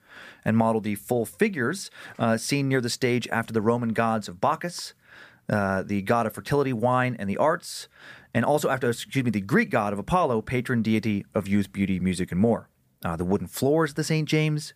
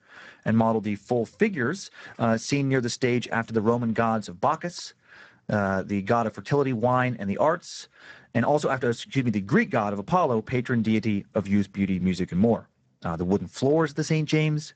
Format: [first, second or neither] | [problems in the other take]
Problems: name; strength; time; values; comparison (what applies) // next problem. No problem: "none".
first | garbled, watery; badly; nothing above 8 kHz